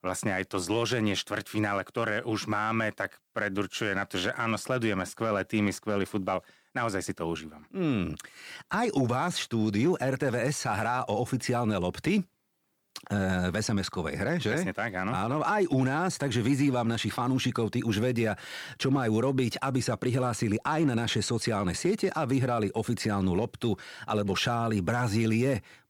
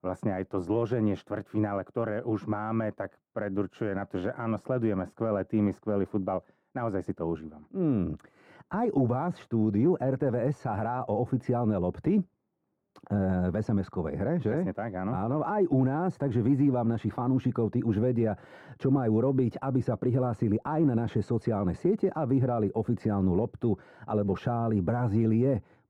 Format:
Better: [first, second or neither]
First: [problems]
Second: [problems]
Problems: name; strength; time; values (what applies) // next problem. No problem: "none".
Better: first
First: none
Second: muffled; very; fading above 1.5 kHz